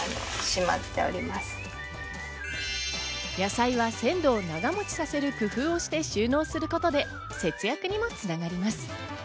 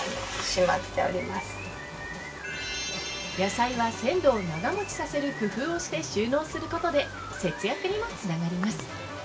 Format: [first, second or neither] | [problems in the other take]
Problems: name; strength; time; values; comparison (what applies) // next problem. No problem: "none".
first | background sound (Wild animals); 14 dB below the speech // room echo; dies away in 0.2 s